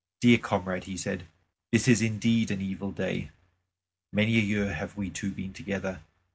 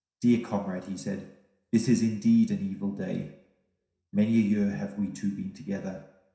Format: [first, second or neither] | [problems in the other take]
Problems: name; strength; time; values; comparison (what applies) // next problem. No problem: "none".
first | room echo; dies away in 0.7 s